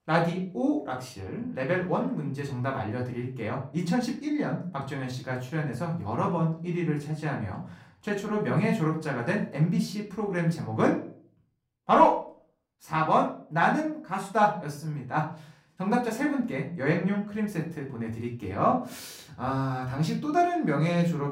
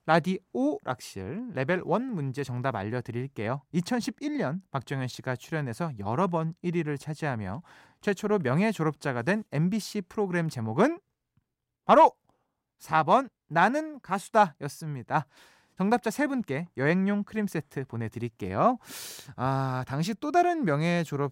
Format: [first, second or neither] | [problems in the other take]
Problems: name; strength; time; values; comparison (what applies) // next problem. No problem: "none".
second | off-mic speech; far // room echo; slight; dies away in 0.4 s